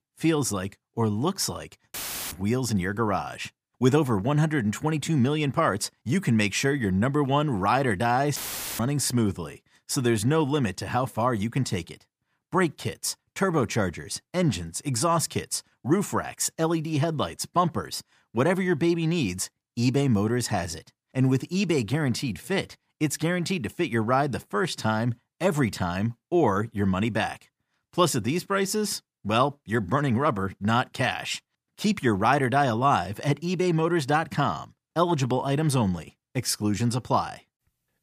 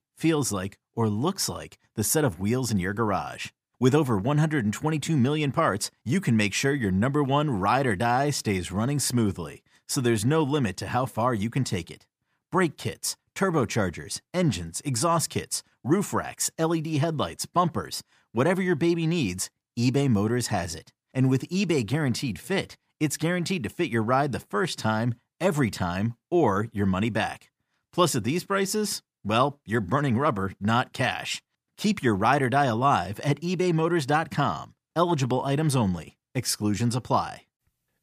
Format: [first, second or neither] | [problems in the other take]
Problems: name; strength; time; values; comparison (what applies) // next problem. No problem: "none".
second | audio cutting out; filled with static; at 2 s and at 8.5 s